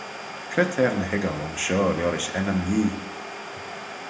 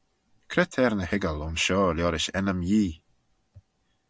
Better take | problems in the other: second | background sound (Domestic sounds, home sounds); 10 dB below the speech // room echo; dies away in 0.8 s

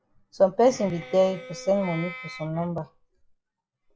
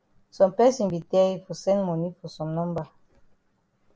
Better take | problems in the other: second | noise reduction (classical method log-MMSE)

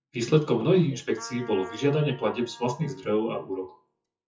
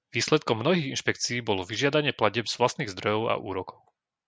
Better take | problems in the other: second | noise reduction (classical method WPE with log-MMSE)

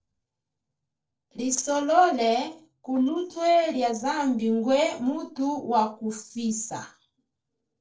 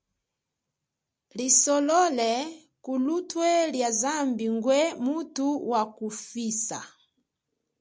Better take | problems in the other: second | noise reduction (neural separator model SepFormer DNS4)

